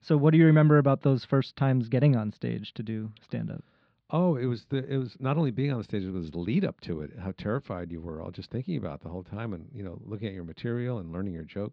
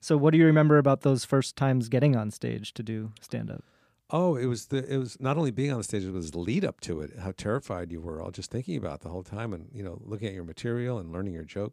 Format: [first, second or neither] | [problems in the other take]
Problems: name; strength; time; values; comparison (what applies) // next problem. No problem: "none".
second | muffled; very slightly; fading above 4 kHz